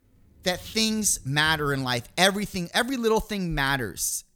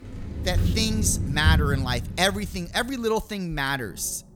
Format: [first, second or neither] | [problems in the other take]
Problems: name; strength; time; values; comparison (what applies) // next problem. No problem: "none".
first | rain or running water; loud; throughout; 1 dB below the speech; faint in the first